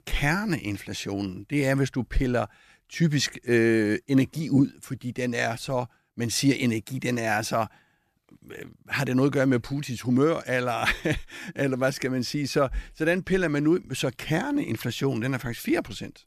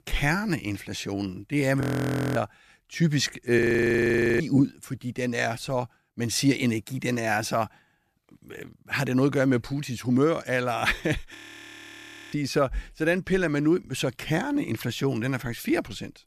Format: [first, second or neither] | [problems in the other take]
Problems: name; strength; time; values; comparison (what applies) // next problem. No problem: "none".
first | audio freezing; at 2 s for 0.5 s, at 3.5 s for 1 s and at 11 s for 1 s